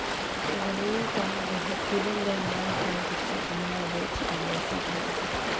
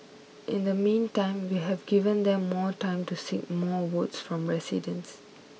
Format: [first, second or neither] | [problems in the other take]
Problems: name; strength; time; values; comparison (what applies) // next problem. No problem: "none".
second | background sound (Stream); 4 dB above the speech